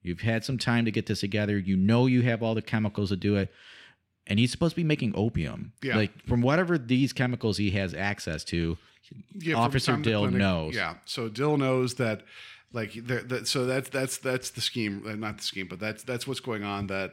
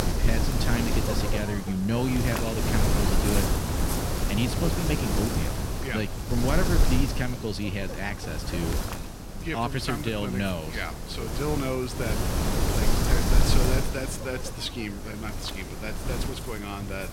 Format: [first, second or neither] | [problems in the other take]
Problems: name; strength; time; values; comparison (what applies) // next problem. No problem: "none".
first | wind noise on the microphone; heavy; as loud as the speech